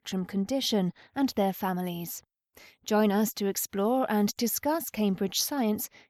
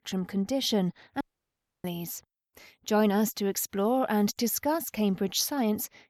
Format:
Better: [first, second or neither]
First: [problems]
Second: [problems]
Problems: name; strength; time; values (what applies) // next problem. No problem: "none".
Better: first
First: none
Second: audio cutting out; at 1 s for 0.5 s